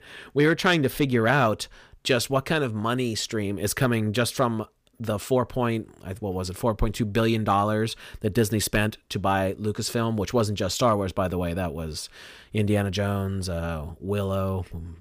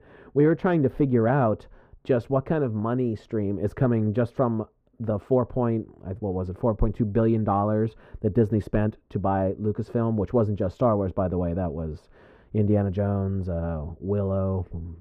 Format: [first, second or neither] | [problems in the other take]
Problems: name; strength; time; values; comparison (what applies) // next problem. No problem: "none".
first | muffled; very; fading above 2 kHz